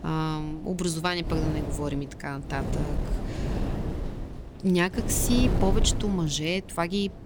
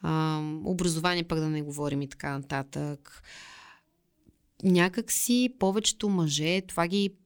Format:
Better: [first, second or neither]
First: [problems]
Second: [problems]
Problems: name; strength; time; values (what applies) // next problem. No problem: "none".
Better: second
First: wind noise on the microphone; heavy; 8 dB below the speech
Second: none